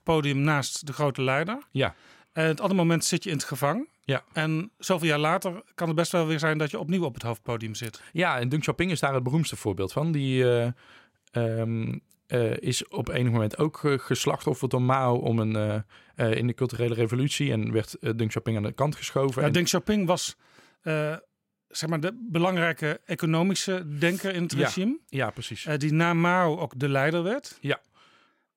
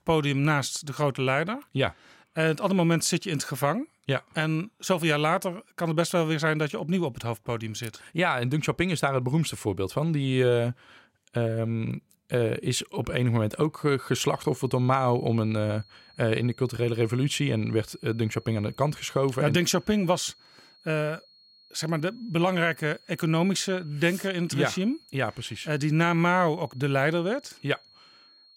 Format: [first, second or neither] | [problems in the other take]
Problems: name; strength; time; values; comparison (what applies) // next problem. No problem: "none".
first | high-pitched whine; faint; from 14 s on; 4.5 kHz, 30 dB below the speech